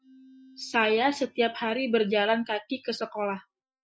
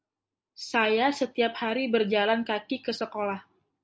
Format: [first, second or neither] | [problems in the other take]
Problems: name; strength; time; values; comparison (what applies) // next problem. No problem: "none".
second | noise reduction (classical method Wiener filter)